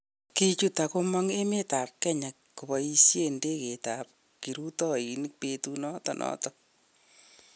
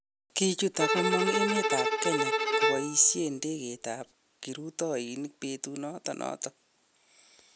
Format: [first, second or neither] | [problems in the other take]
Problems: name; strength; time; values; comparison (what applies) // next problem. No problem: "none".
first | background sound (Bowed string instrument); 2 dB above the speech